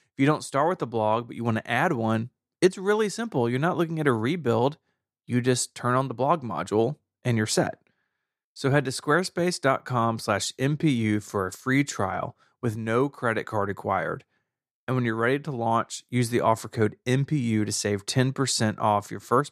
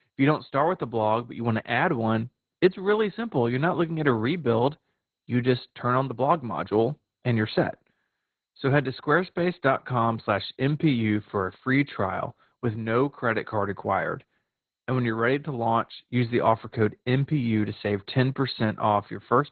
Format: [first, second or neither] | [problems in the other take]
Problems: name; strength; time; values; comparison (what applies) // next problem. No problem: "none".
first | garbled, watery; badly; nothing above 4 kHz